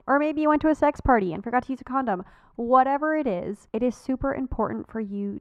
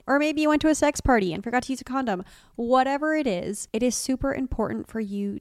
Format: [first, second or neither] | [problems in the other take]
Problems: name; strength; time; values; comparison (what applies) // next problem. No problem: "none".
second | muffled; very; fading above 3 kHz